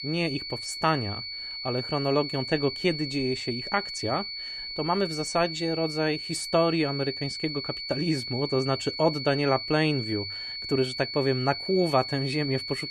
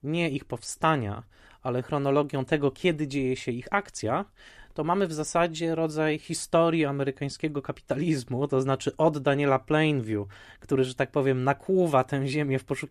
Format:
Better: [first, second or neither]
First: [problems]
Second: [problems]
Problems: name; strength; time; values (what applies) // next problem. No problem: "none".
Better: second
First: high-pitched whine; loud; throughout; 4.5 kHz, 5 dB below the speech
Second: none